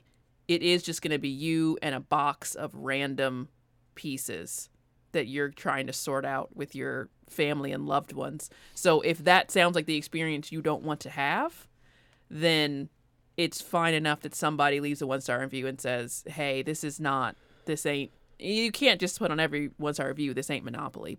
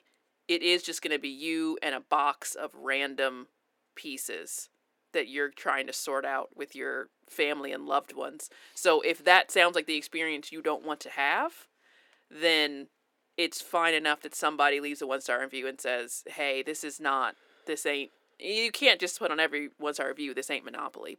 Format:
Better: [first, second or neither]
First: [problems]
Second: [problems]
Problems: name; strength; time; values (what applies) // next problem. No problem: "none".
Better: first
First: none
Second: thin; somewhat; fading below 300 Hz